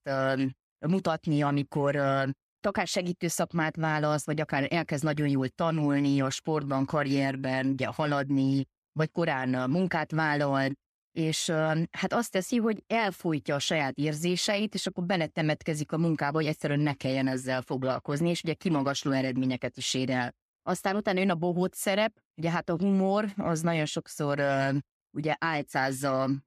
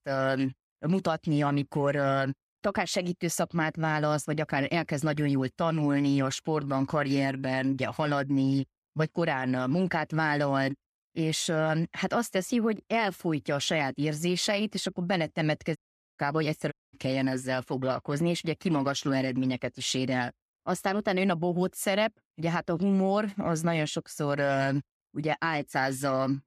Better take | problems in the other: first | audio cutting out; at 16 s and at 17 s

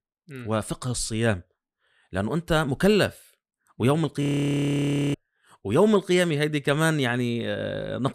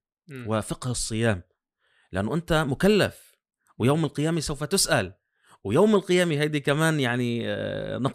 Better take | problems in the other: second | audio freezing; at 4 s for 1 s

